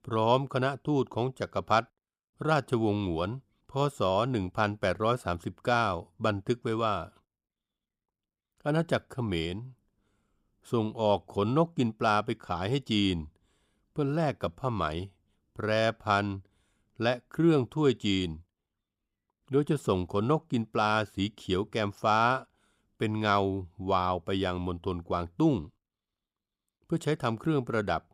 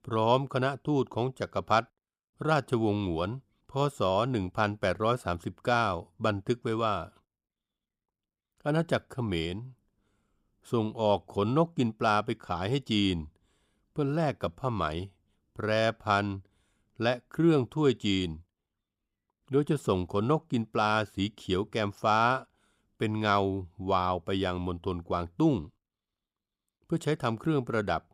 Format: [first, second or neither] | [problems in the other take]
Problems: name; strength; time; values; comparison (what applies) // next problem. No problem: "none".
neither | none